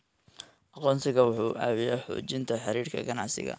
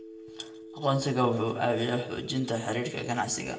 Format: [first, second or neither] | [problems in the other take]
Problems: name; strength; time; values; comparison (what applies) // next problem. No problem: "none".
first | background sound (Telephone); 15 dB below the speech // room echo; dies away in 0.6 s